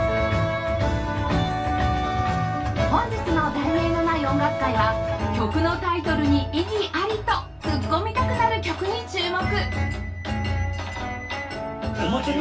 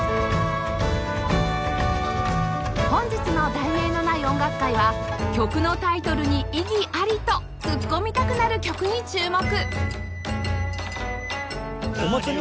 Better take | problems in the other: second | room echo; dies away in 0.2 s

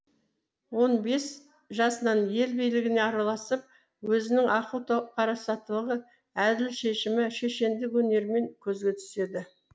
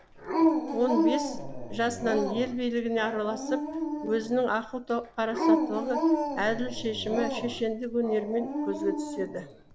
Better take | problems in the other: first | background sound (Dog); as loud as the speech

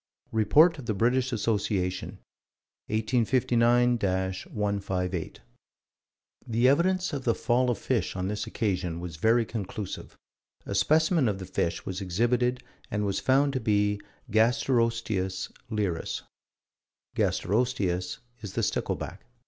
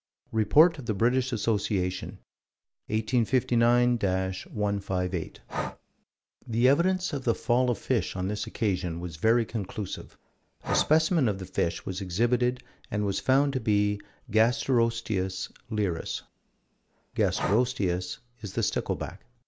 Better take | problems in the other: first | background sound (Breathing); 15 dB below the speech

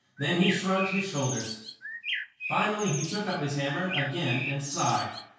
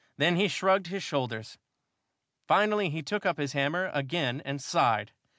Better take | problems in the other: second | background sound (Bird); 7 dB below the speech // room echo; dies away in 0.6 s

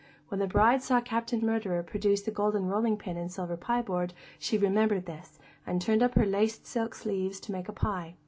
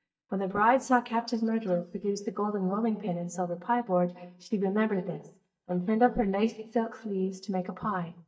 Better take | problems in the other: first | noise reduction (neural mask model DeepFilterNet 3)

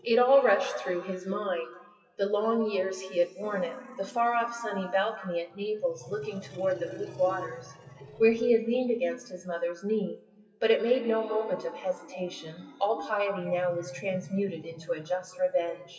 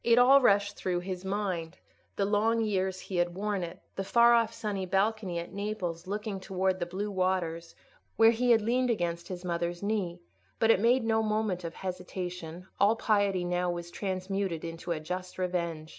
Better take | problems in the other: second | noise reduction (classical method WPE with log-MMSE)

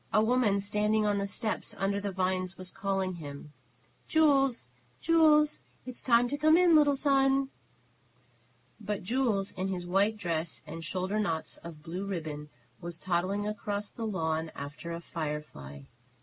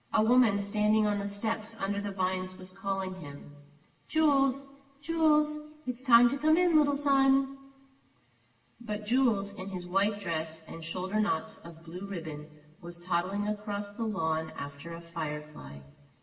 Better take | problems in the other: first | room echo; dies away in 0.9 s

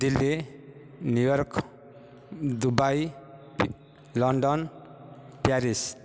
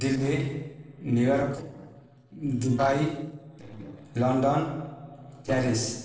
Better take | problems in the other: first | noise reduction (neural separator model SepFormer DNS4)

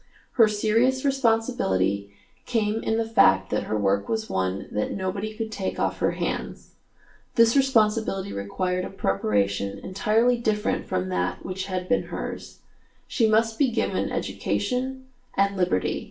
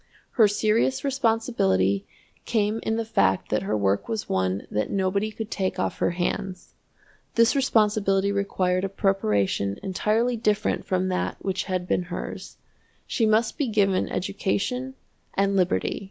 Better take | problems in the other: second | room echo; dies away in 0.3 s

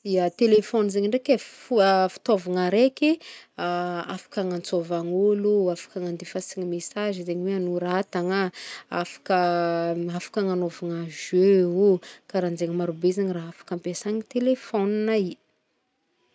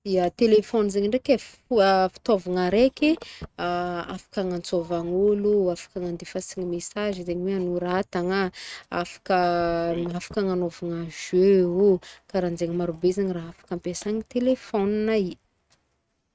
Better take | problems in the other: first | noise reduction (neural mask model RNNoise)

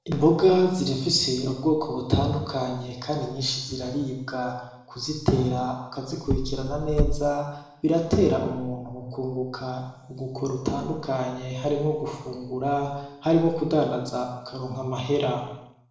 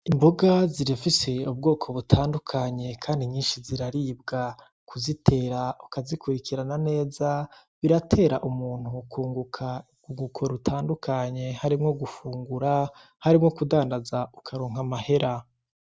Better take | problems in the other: second | background sound (Car); as loud as the speech // room echo; dies away in 0.8 s

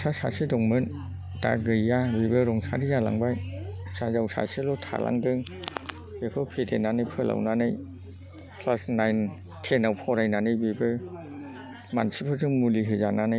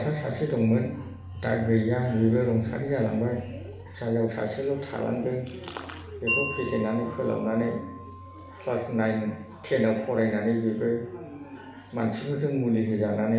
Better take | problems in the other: first | background sound (Wind chime); 15 dB below the speech // room echo; dies away in 0.8 s

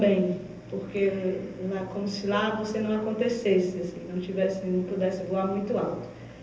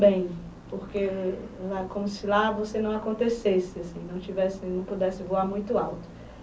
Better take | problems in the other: second | background sound (Cowbell); 18 dB below the speech // room echo; dies away in 0.8 s

